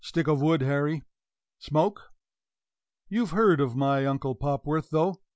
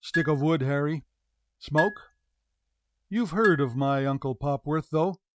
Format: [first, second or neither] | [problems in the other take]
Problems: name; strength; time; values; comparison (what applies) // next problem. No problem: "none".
first | noise reduction (neural mask model RNNoise)